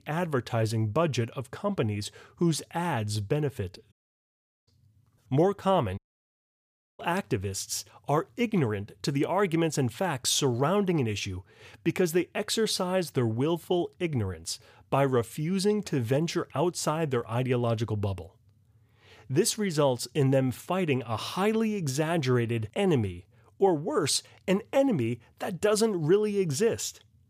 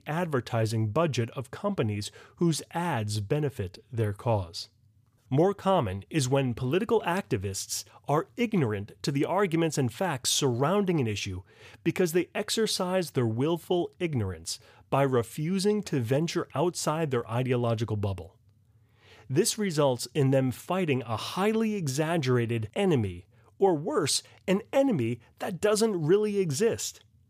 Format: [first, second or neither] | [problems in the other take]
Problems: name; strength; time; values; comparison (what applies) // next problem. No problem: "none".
second | audio cutting out; at 4 s for 1 s and at 6 s for 1 s